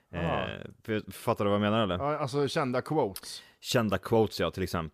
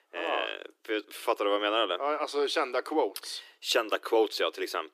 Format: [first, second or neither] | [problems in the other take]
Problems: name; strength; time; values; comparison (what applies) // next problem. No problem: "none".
first | thin; very; fading below 300 Hz